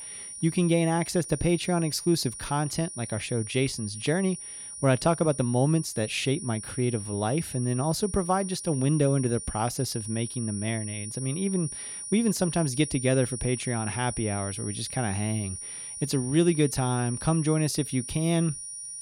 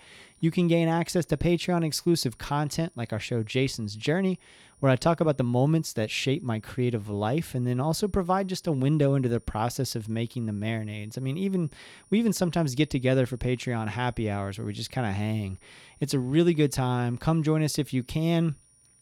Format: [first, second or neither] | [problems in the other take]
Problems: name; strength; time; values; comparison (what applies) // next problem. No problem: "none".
second | high-pitched whine; loud; throughout; 9.5 kHz, 8 dB below the speech; faint in the second